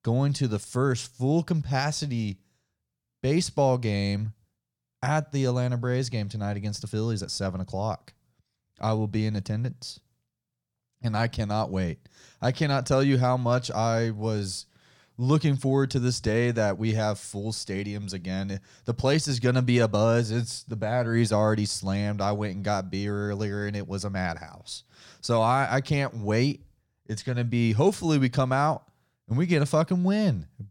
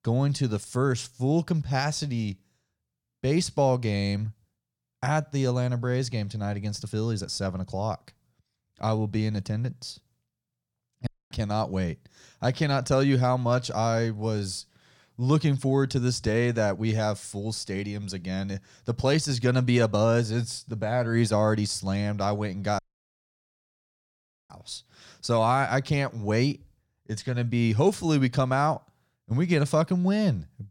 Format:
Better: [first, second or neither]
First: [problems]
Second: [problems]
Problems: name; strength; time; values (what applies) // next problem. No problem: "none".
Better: first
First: none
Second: audio cutting out; at 11 s and at 23 s for 1.5 s